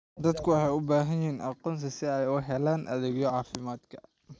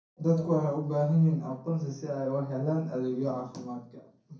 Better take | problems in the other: first | room echo; dies away in 0.6 s

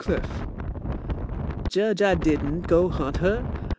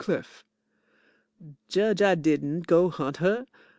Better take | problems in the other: second | background sound (Wind); 3 dB below the speech

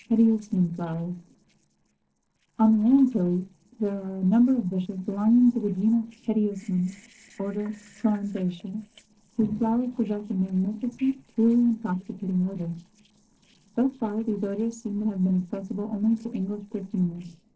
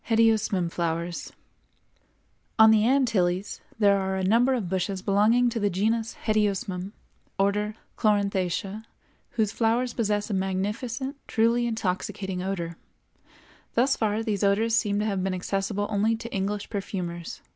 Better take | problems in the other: second | noise reduction (neural separator model SepFormer DNS4)

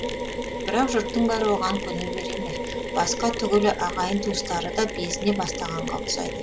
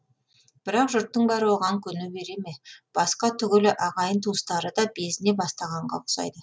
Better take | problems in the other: second | background sound (Mechanisms); 4 dB below the speech

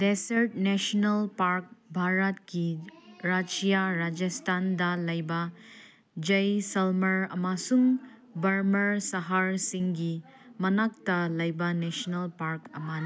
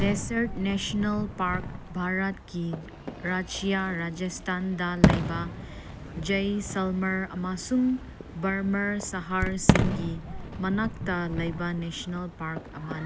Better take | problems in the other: first | background sound (Fireworks); 2 dB below the speech

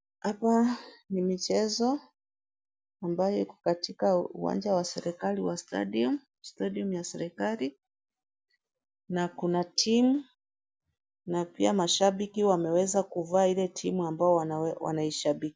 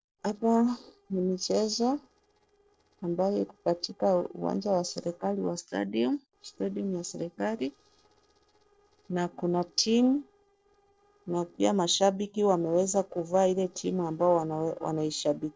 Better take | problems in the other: first | noise reduction (neural separator model SepFormer DNS4)

